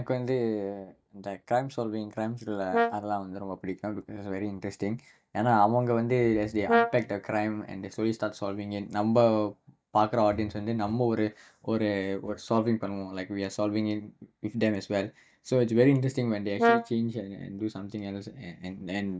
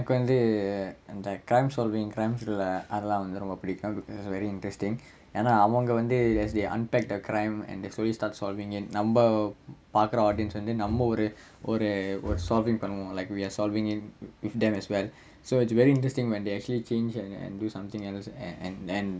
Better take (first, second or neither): second